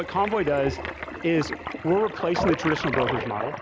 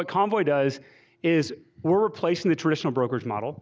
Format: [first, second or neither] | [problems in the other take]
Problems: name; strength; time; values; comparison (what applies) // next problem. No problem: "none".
second | background sound (Toilet flush); 5 dB below the speech